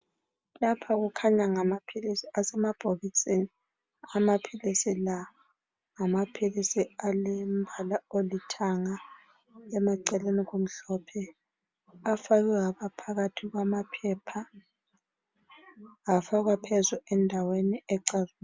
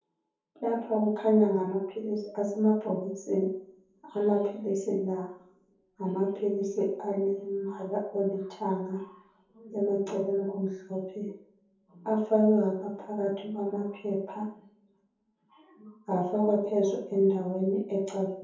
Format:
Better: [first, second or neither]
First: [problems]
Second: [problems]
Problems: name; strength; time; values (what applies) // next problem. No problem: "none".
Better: first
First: none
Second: room echo; dies away in 0.6 s